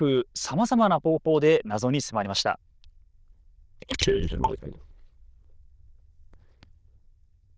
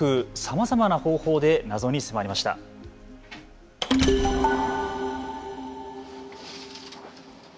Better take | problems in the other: second | noise reduction (neural diffusion model UNIVERSE++)

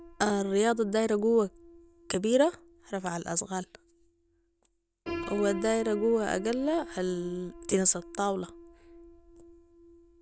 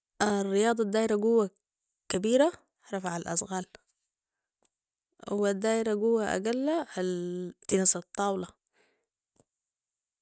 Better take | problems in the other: second | background sound (Piano); 15 dB below the speech

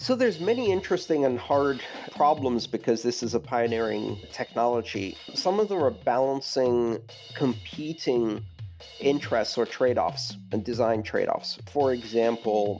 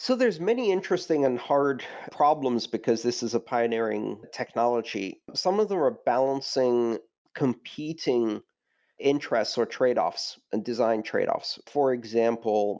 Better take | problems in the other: second | background sound (Drum kit); 16 dB below the speech

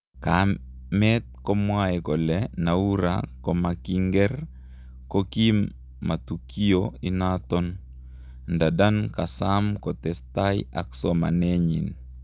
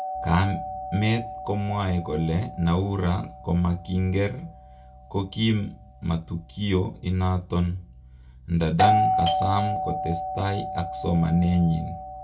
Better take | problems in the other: first | background sound (Doorbell); 5 dB below the speech // room echo; dies away in 0.2 s

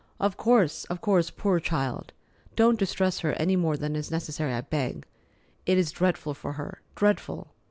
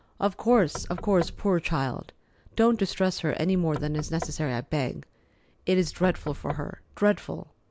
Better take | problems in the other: first | background sound (Knock / Wood); 13 dB below the speech

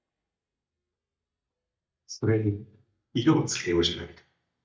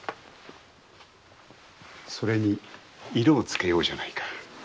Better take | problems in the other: second | noise reduction (neural mask model DeepFilterNet 3)

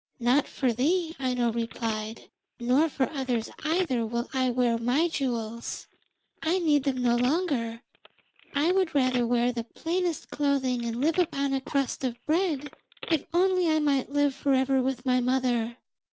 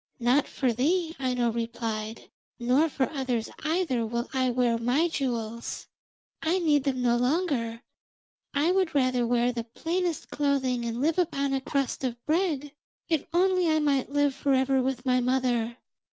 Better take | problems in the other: second | background sound (Telephone); 19 dB below the speech

